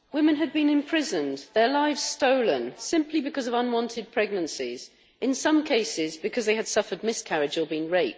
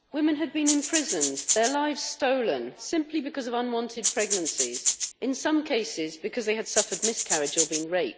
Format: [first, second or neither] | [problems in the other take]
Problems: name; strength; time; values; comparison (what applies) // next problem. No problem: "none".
first | background sound (Rattle (instrument)); as loud as the speech